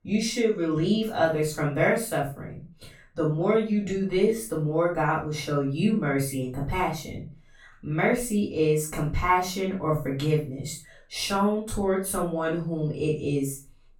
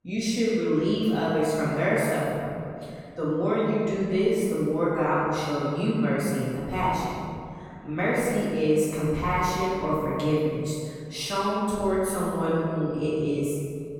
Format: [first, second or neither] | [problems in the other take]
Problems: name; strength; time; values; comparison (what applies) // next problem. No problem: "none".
first | room echo; strong; dies away in 2.1 s; slight in the first // off-mic speech; far; far in the first